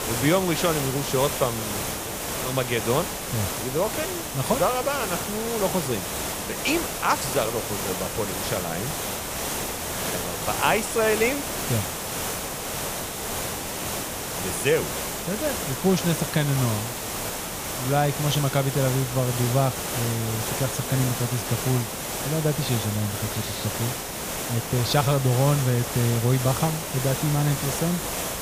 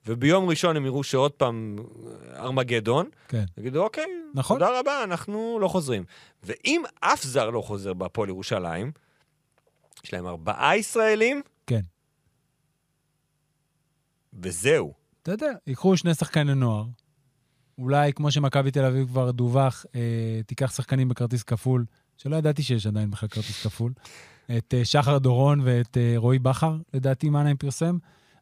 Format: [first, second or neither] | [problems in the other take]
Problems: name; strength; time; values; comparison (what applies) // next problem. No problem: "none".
second | hiss; loud; throughout; 3 dB below the speech